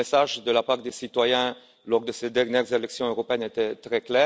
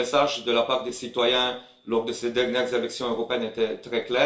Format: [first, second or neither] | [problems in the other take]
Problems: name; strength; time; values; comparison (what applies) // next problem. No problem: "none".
first | room echo; dies away in 0.4 s